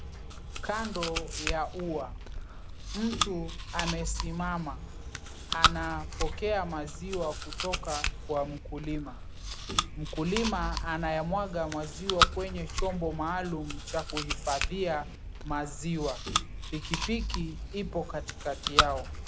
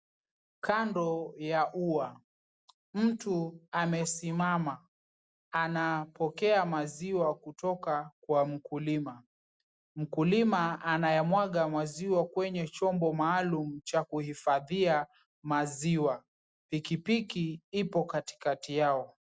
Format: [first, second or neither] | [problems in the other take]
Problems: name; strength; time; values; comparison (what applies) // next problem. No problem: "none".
second | background sound (Chewing, mastication); 1 dB above the speech